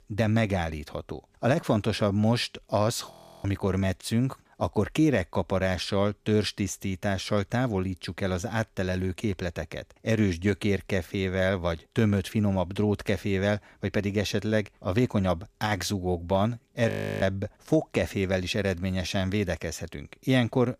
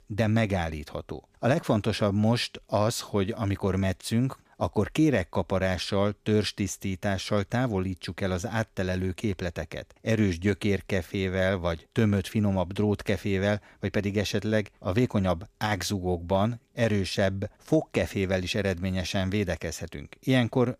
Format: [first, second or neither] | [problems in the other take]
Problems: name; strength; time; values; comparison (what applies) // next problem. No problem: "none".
second | audio freezing; at 3 s and at 17 s